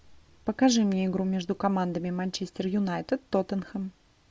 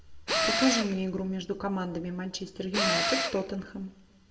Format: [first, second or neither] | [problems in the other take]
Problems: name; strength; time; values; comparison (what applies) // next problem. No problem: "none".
first | background sound (Tools); 1 dB above the speech // room echo; dies away in 0.7 s